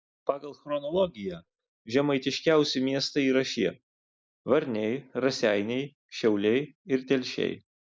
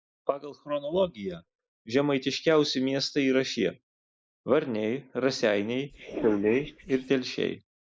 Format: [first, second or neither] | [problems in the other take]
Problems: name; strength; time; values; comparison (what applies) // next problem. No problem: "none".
first | noise reduction (neural mask model Resemble Enhance denoiser)